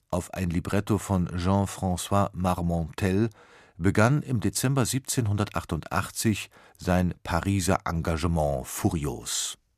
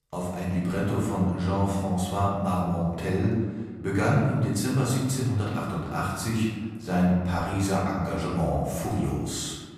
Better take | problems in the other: first | room echo; noticeable; dies away in 1.3 s // off-mic speech; far

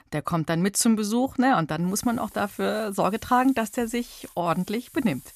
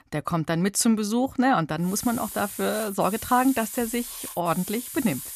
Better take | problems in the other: first | hiss; loud; from 2 s on; 10 dB below the speech; faint in the first

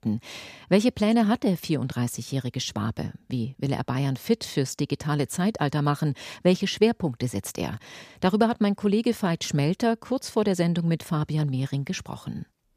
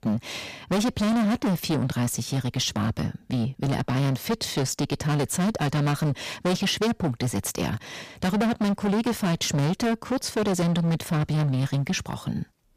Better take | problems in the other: first | distortion; heavy; 22% of the sound clipped

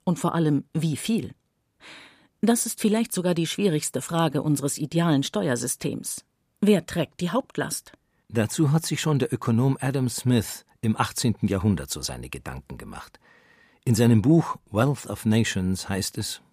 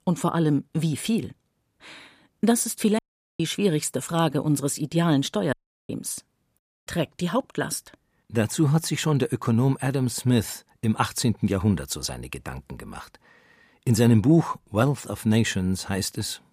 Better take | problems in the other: first | audio cutting out; at 3 s, at 5.5 s and at 6.5 s

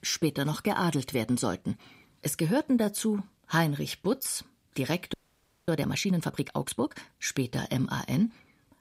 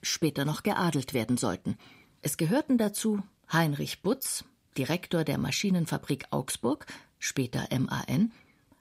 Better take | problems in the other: second | audio freezing; at 5 s for 0.5 s

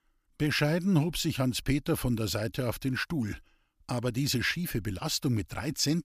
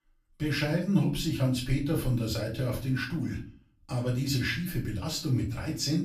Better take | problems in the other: first | off-mic speech; far // room echo; slight; dies away in 0.3 s

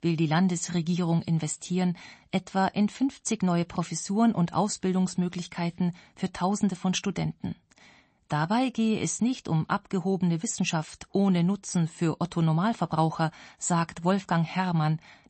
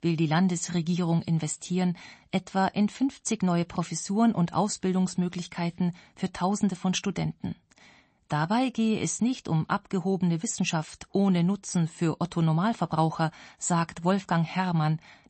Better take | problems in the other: neither | garbled, watery; slightly; nothing above 8 kHz; the same in both

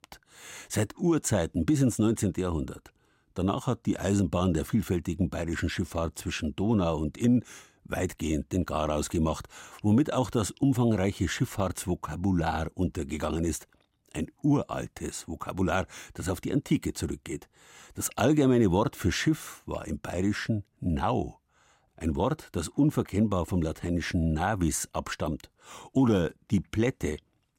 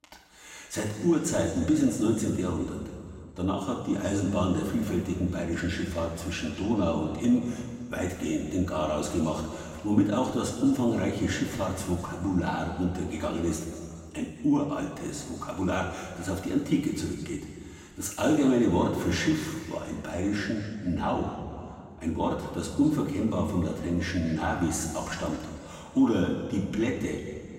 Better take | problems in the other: first | room echo; noticeable; dies away in 2 s // off-mic speech; far

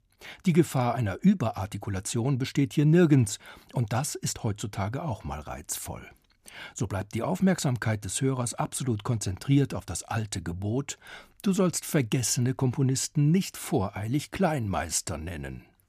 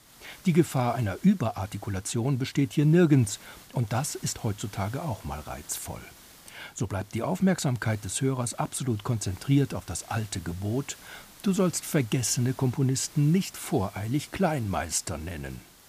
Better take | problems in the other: first | hiss; faint; throughout; 20 dB below the speech

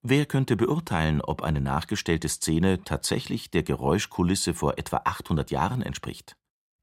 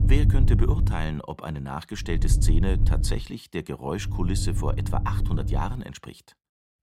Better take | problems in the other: first | low rumble; loud; at the start, at 2 s and from 4 to 5.5 s; 7 dB below the speech

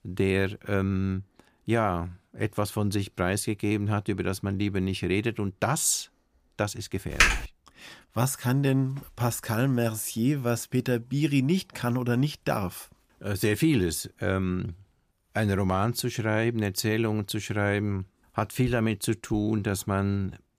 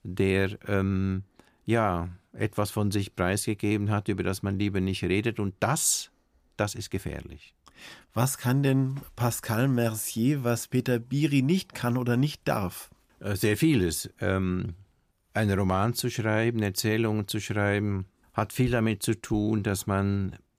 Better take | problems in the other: second | keyboard typing; loud; at 7 s; peak 6 dB above the speech

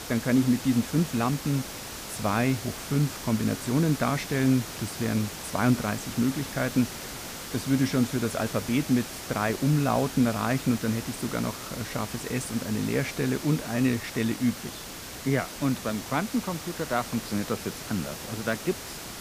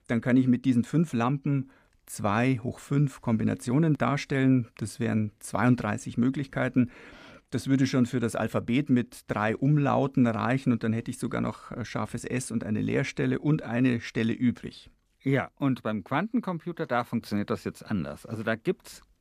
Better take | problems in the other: second | hiss; loud; throughout; 9 dB below the speech

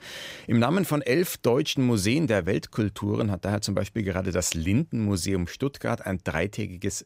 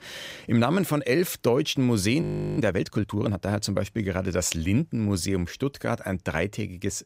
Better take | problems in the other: first | audio freezing; at 2 s

